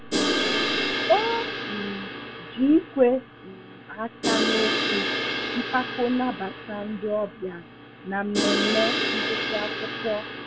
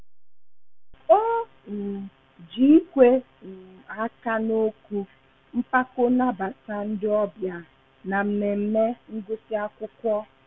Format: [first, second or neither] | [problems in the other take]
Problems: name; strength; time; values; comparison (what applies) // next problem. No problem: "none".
second | background sound (Crash cymbal); as loud as the speech